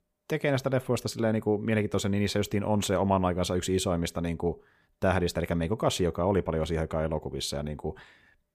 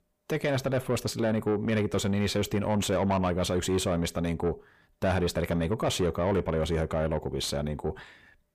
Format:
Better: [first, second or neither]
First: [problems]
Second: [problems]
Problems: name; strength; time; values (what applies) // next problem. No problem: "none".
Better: first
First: none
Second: distortion; slight; 10 dB below the speech